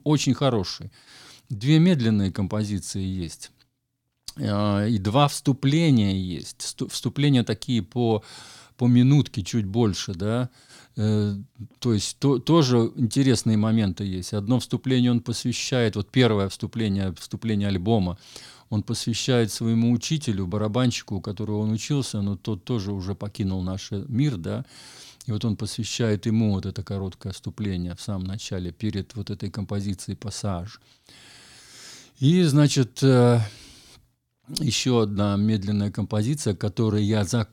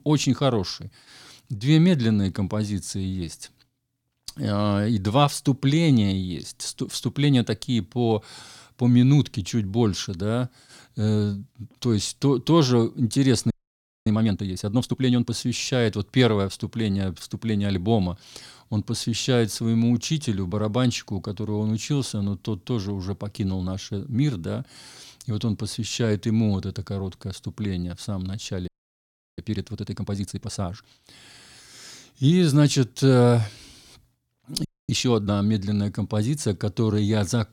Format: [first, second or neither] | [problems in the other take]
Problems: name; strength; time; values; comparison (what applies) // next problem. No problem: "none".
first | audio freezing; at 14 s for 0.5 s, at 29 s for 0.5 s and at 35 s